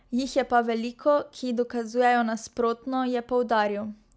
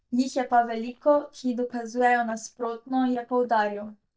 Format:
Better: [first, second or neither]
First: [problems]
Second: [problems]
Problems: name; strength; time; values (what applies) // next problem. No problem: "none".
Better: first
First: none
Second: noise reduction (neural mask model DeepFilterNet 3)